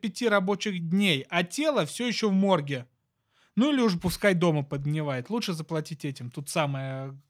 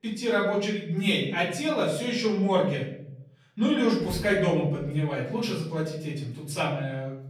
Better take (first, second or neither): first